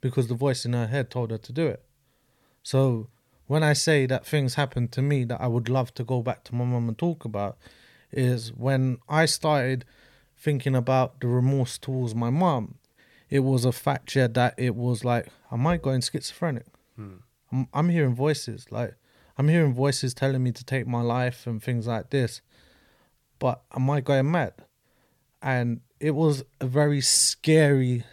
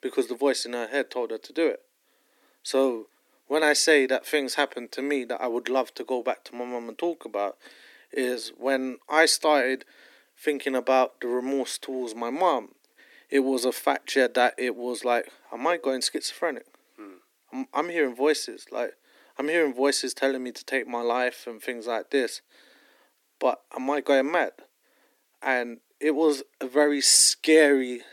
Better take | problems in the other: first | thin; somewhat; fading below 250 Hz

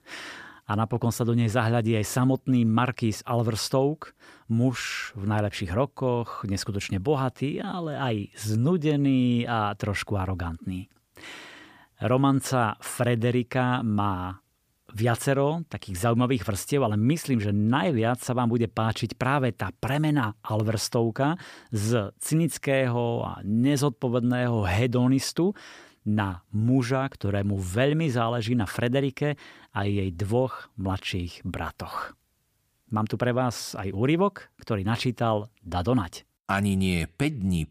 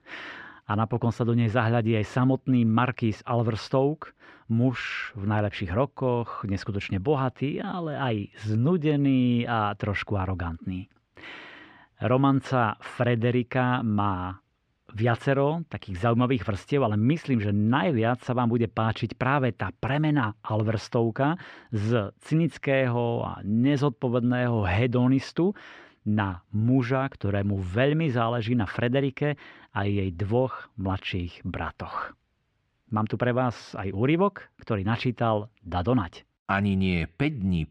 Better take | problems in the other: first | muffled; slightly; fading above 2.5 kHz

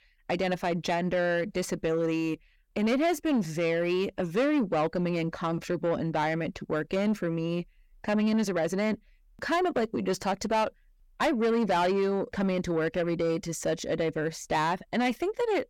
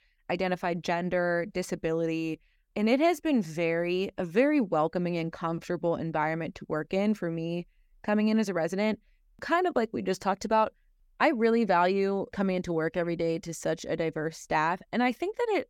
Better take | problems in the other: second | distortion; slight; 10 dB below the speech

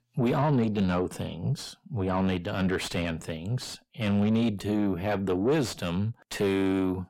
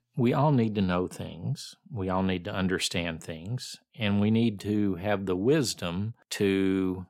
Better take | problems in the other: second | distortion; slight; 9 dB below the speech

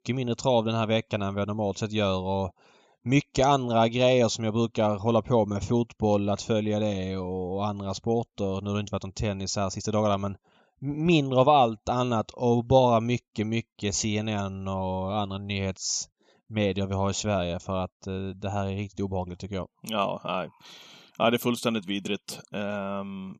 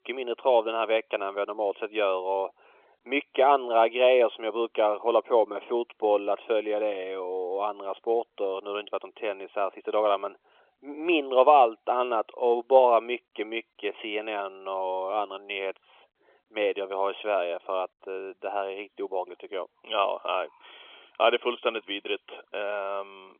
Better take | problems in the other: first | phone-call audio; nothing above 3.5 kHz

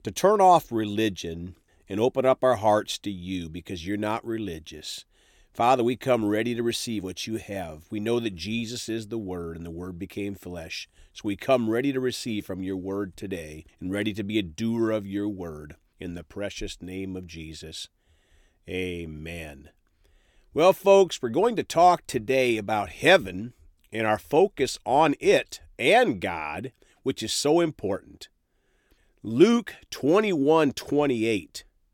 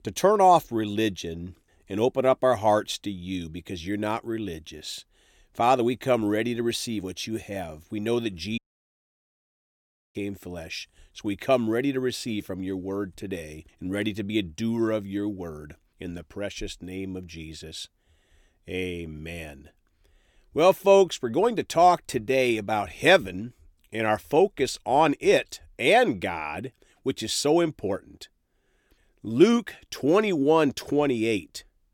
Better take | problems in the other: first | audio cutting out; at 8.5 s for 1.5 s

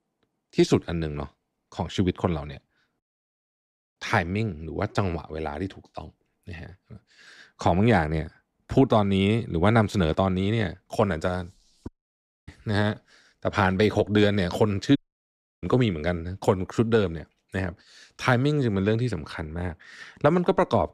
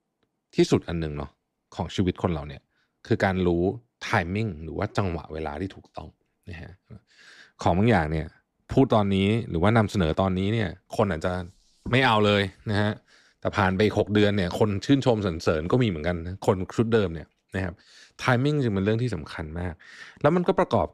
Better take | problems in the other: second | audio cutting out; at 3 s for 1 s, at 12 s for 0.5 s and at 15 s for 0.5 s

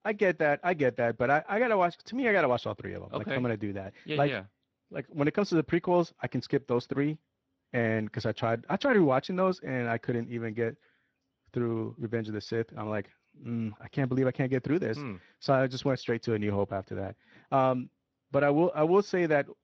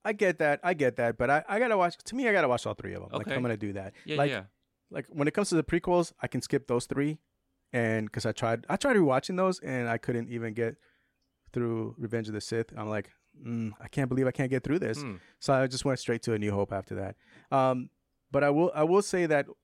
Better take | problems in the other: second | garbled, watery; slightly

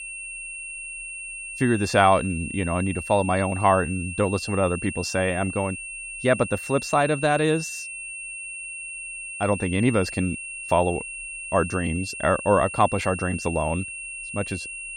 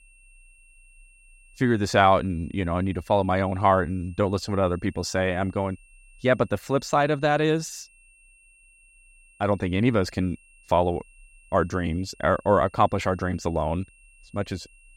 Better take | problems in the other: second | high-pitched whine; loud; throughout; 2.5 kHz, 9 dB below the speech; faint in the second

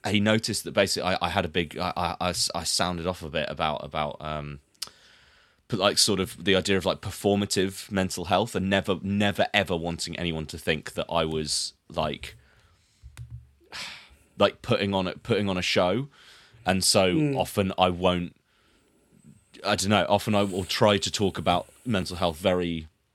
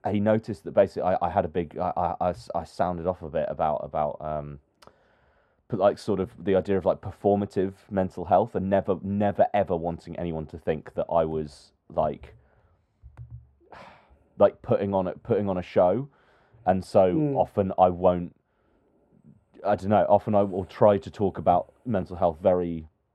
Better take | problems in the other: first | muffled; very; fading above 2 kHz

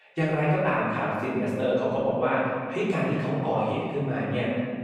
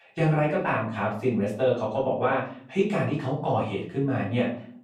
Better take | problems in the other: second | room echo; strong; dies away in 1.8 s; slight in the second // off-mic speech; far; far in the second

